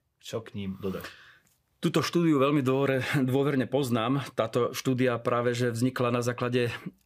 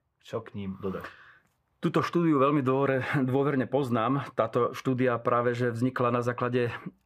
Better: first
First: none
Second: muffled; slightly; fading above 3 kHz

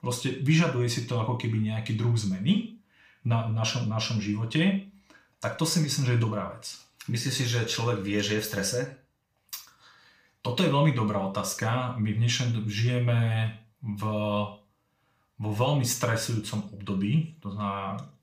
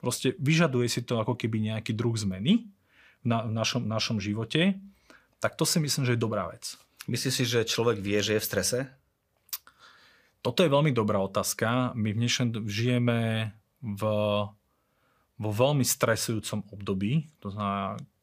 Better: second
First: room echo; slight; dies away in 0.4 s // off-mic speech; somewhat distant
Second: none

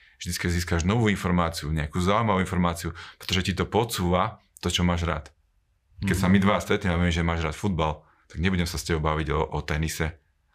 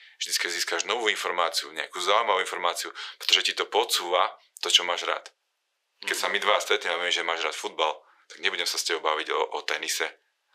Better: first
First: none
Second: thin; very; fading below 400 Hz

